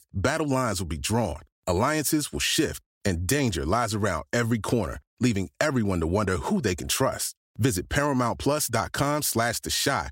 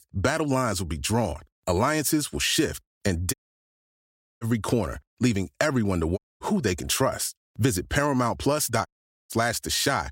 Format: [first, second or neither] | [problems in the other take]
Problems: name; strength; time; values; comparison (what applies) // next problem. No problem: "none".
first | audio cutting out; at 3.5 s for 1 s, at 6 s and at 9 s